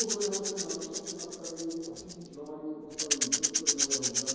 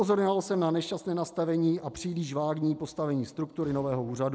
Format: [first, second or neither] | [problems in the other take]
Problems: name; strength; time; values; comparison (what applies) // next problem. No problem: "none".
second | background sound (Rattle / Rattle (instrument)); 5 dB above the speech // room echo; dies away in 2.2 s